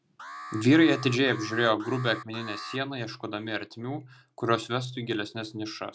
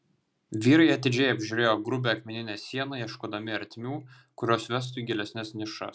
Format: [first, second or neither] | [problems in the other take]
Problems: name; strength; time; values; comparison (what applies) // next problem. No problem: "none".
second | background sound (Alarm); 15 dB below the speech